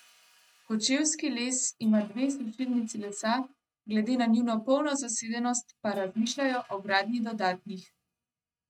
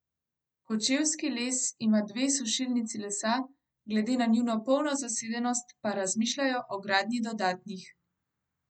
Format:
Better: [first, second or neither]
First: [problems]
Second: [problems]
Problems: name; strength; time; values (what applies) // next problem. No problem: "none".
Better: second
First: noise reduction (neural mask model RNNoise)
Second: none